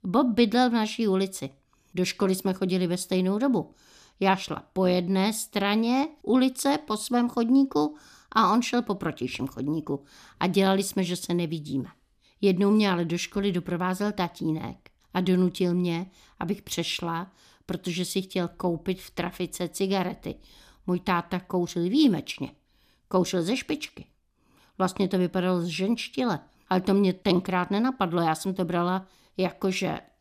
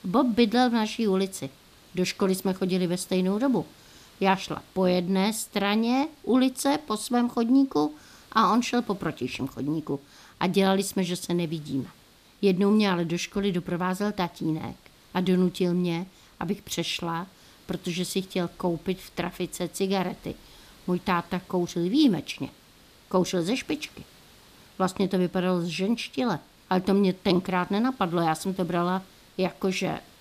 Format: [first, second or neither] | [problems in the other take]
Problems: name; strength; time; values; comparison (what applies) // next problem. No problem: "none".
first | hiss; faint; throughout; 25 dB below the speech